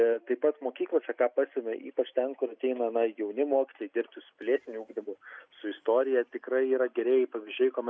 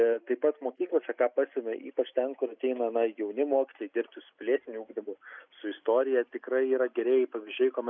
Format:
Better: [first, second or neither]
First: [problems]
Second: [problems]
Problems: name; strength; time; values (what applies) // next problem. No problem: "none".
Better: first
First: none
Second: noise reduction (neural mask model Resemble Enhance denoiser)